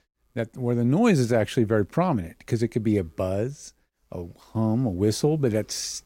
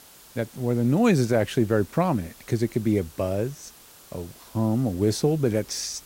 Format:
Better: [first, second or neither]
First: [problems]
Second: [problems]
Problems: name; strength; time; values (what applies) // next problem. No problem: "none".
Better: first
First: none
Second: hiss; faint; throughout; 25 dB below the speech